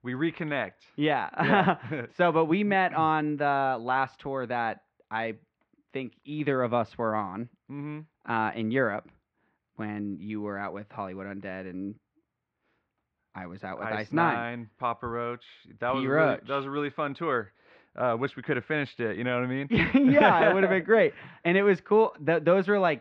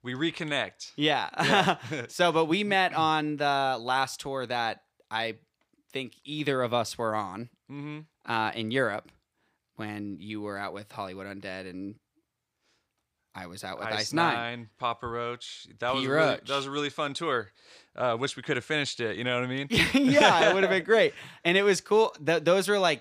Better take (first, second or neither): second